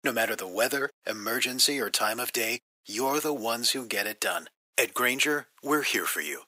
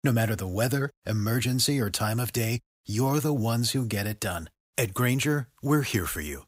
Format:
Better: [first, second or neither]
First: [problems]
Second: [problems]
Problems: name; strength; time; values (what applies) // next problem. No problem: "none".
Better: second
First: thin; very; fading below 350 Hz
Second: none